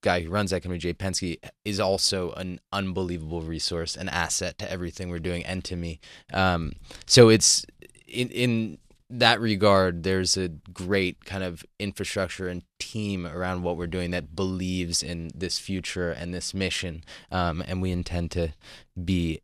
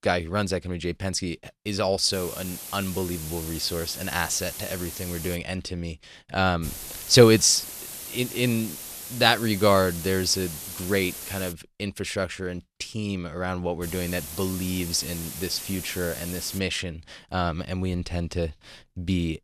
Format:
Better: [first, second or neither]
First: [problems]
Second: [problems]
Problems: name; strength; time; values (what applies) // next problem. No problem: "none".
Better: first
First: none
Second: hiss; loud; from 2 to 5.5 s, from 6.5 to 12 s and from 14 to 17 s; 9 dB below the speech